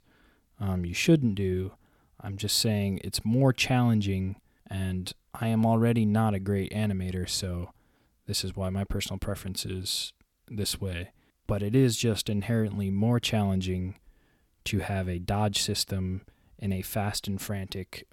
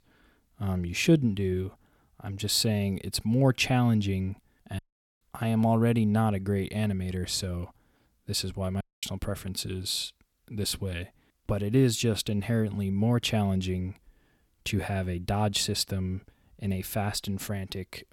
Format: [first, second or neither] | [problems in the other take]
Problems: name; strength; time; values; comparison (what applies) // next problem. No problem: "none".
first | audio cutting out; at 5 s and at 9 s